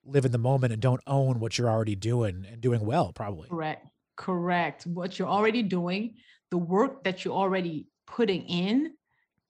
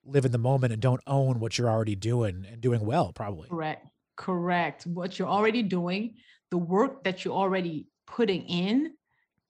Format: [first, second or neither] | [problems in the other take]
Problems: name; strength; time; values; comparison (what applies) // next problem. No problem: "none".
neither | none